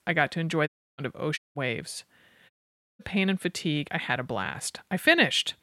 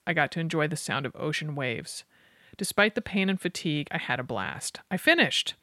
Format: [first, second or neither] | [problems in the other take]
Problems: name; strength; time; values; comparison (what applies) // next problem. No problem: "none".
second | audio cutting out; at 0.5 s, at 1.5 s and at 2.5 s